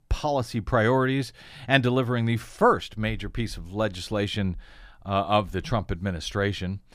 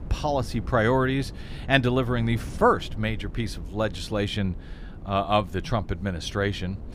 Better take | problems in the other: first | wind noise on the microphone; occasional gusts; 25 dB below the speech

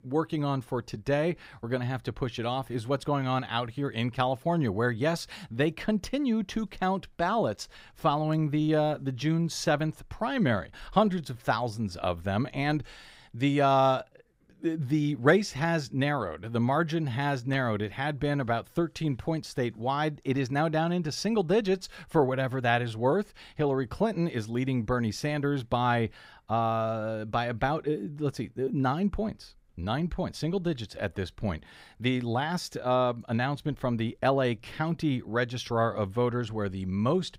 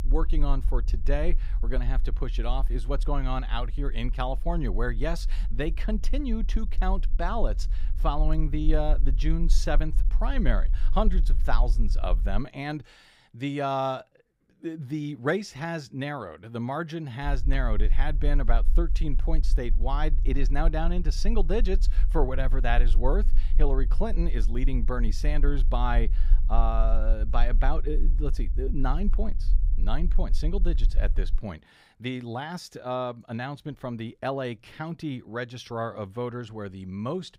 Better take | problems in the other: first | low rumble; faint; until 12 s and from 17 to 31 s; 20 dB below the speech

